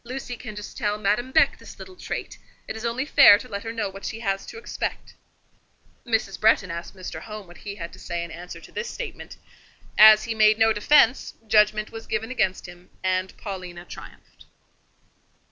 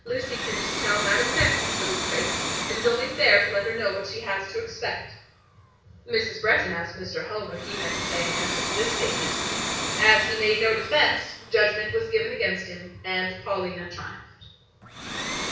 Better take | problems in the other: first | background sound (Domestic sounds, home sounds); 5 dB below the speech // room echo; dies away in 0.6 s

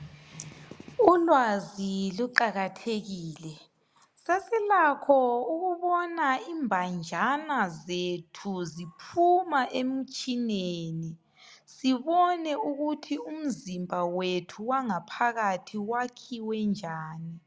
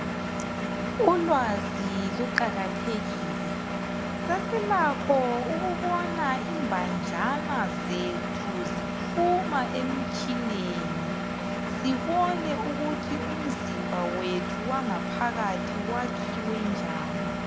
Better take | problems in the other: first | background sound (Engine); as loud as the speech

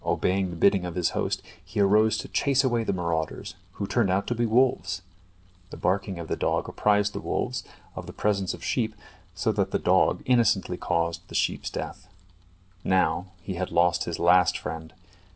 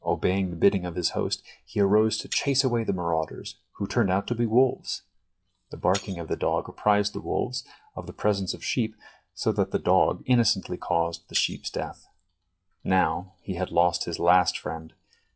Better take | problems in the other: first | noise reduction (classical method log-MMSE)

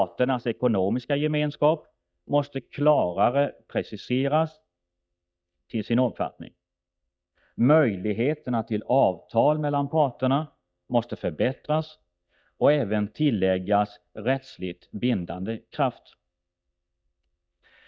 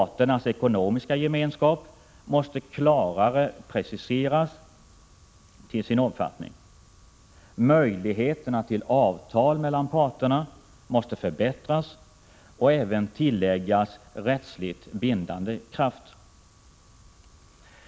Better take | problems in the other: second | noise reduction (neural mask model DeepFilterNet 3)

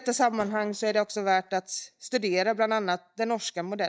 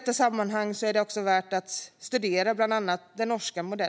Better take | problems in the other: second | noise reduction (neural mask model DeepFilterNet 3)

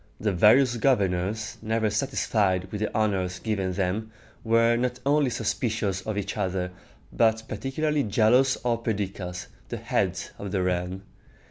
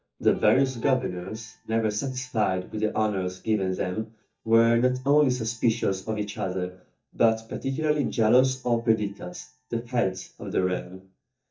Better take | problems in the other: first | noise reduction (neural mask model DeepFilterNet 3)

